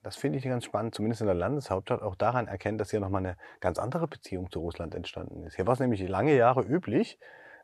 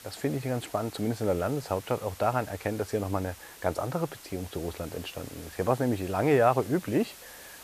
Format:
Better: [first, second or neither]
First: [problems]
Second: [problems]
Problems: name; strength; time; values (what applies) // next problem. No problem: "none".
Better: first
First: none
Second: hiss; noticeable; throughout; 15 dB below the speech